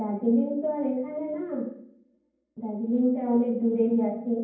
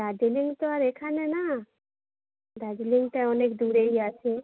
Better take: second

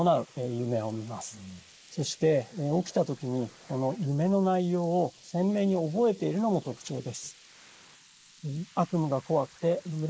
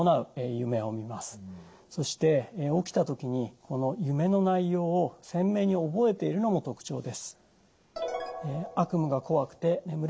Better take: second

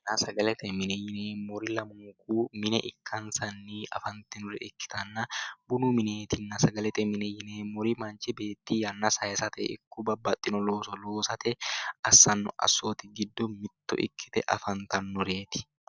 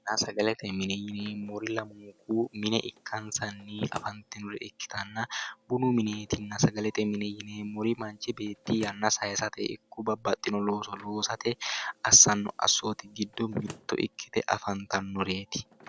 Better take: first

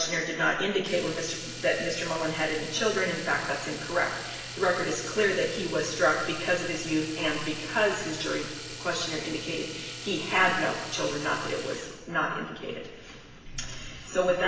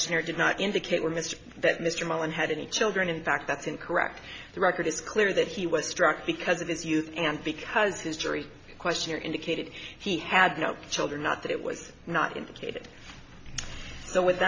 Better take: second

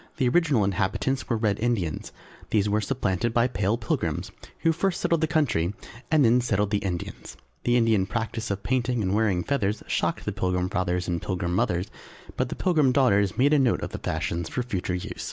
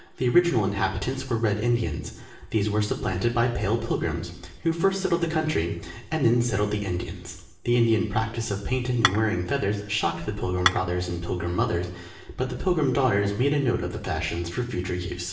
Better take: first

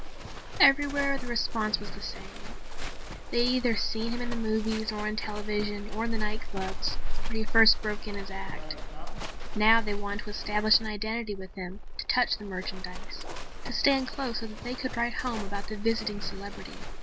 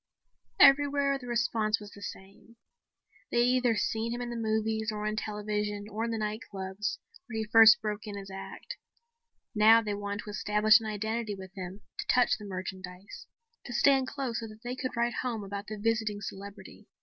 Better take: second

